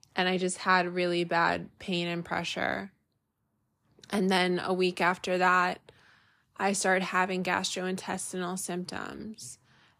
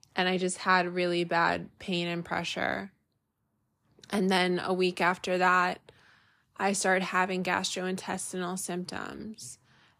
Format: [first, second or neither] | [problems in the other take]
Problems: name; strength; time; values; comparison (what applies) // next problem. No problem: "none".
neither | none